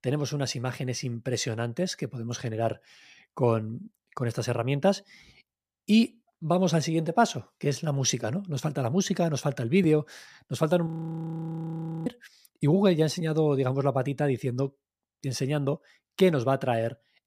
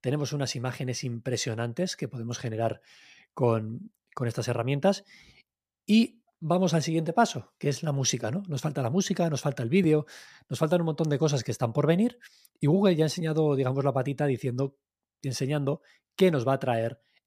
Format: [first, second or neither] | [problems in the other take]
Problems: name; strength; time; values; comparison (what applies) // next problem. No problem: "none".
second | audio freezing; at 11 s for 1 s